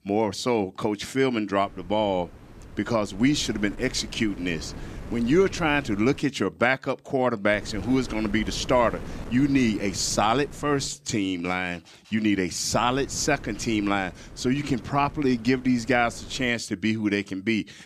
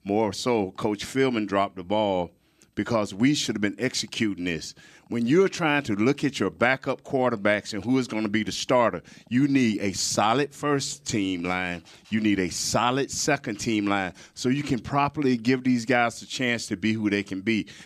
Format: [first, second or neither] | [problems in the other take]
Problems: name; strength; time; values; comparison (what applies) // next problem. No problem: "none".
second | wind noise on the microphone; occasional gusts; from 1.5 to 6 s, from 7.5 to 11 s and from 13 to 16 s; 20 dB below the speech